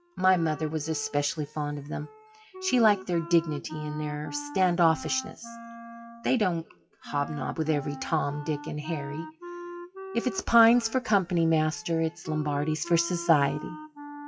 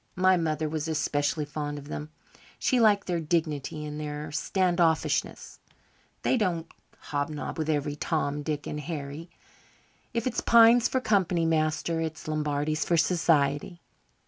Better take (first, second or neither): second